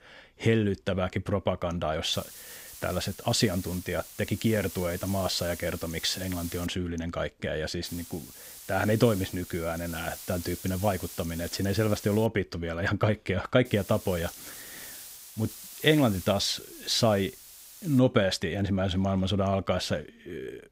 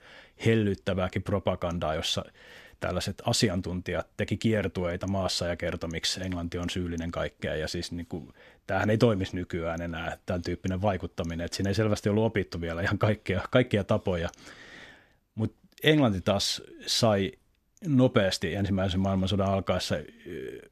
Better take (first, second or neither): second